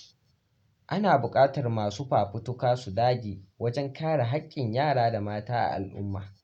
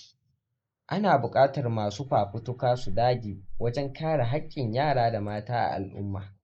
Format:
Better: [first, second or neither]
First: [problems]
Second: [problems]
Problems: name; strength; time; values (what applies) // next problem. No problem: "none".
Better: first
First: none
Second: noise reduction (neural mask model Resemble Enhance denoiser)